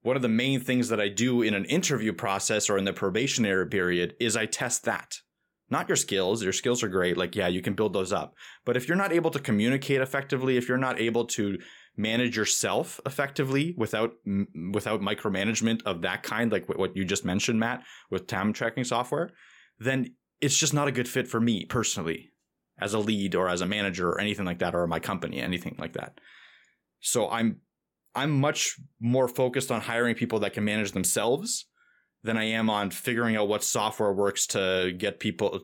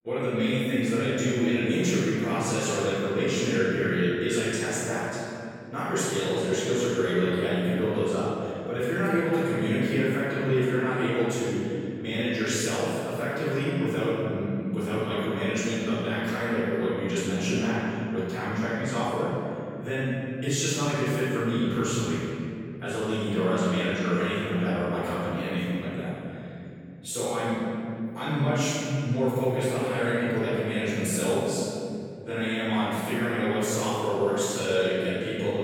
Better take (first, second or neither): first